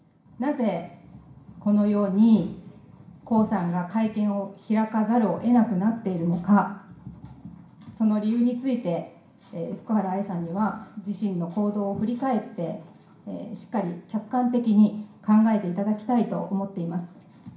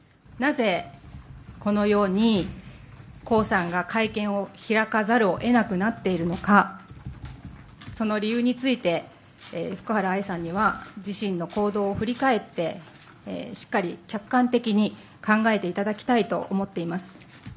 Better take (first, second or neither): second